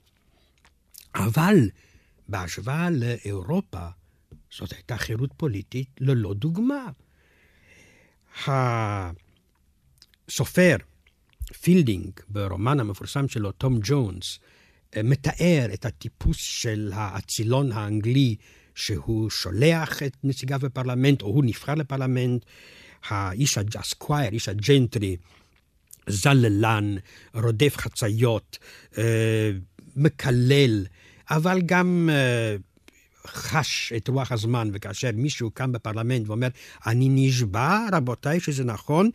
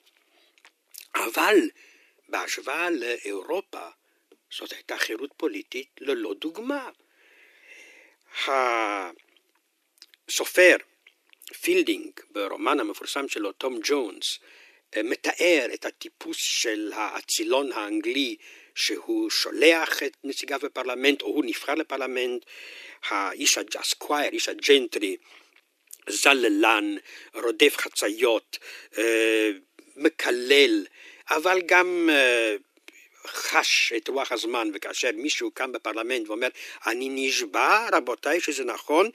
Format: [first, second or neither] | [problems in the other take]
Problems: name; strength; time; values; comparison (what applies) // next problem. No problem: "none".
first | thin; very; fading below 300 Hz